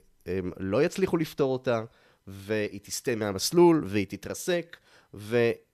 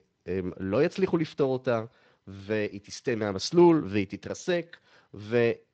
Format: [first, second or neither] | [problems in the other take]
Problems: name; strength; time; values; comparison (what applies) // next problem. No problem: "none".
first | garbled, watery; slightly